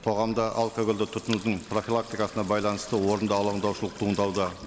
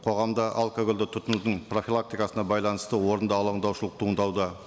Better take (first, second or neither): second